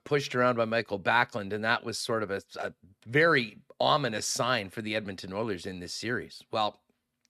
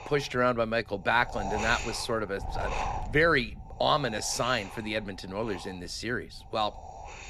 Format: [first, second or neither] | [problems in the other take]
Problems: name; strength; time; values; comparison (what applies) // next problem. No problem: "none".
first | wind noise on the microphone; heavy; 10 dB below the speech